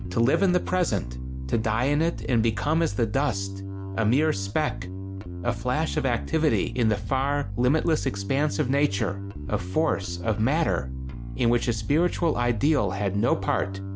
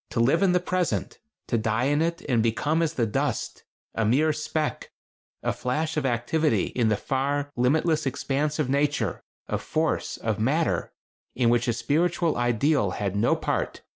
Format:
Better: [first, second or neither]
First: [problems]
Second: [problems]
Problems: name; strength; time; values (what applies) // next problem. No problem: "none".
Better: second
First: background sound (Bass guitar); 7 dB below the speech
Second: none